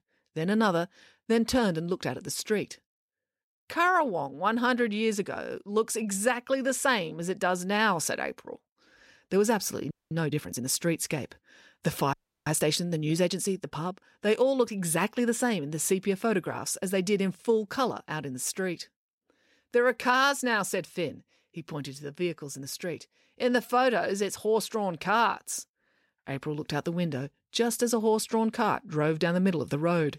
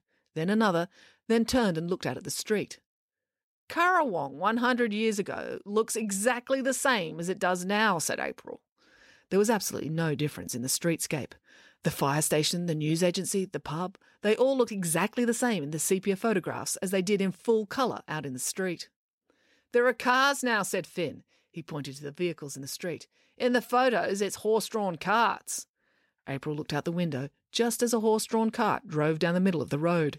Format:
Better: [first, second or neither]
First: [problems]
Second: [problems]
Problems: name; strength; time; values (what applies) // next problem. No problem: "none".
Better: second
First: audio freezing; at 10 s and at 12 s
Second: none